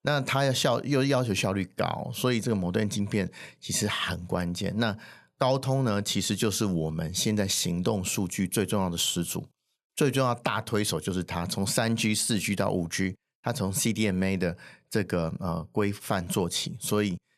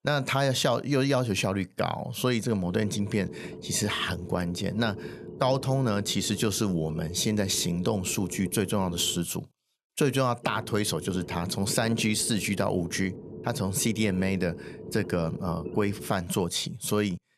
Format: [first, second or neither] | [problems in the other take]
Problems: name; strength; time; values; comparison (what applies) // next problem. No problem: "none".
first | low rumble; noticeable; from 2.5 to 9 s and from 10 to 16 s; 15 dB below the speech